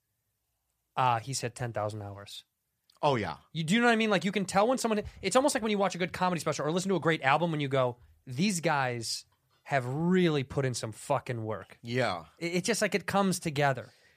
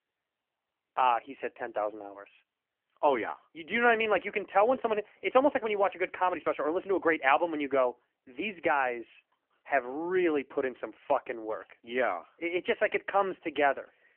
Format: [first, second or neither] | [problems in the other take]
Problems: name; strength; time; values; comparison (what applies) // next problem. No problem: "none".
first | phone-call audio; nothing above 3 kHz